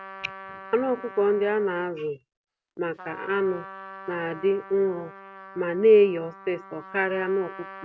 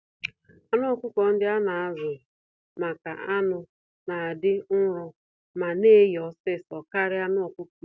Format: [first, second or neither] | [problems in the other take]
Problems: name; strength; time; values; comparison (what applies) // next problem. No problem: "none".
second | background sound (Trumpet); 17 dB below the speech